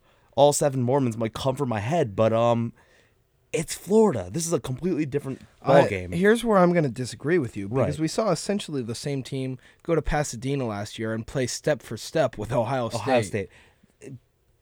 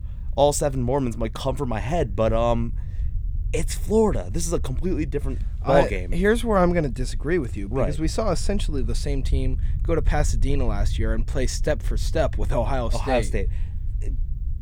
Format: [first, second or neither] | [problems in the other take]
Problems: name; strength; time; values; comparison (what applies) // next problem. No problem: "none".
first | low rumble; faint; throughout; 25 dB below the speech